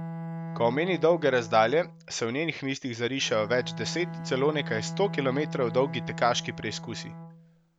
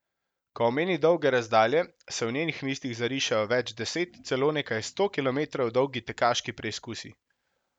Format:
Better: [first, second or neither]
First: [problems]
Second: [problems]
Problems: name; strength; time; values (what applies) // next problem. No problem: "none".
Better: second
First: background sound (Bowed string instrument); 10 dB below the speech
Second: none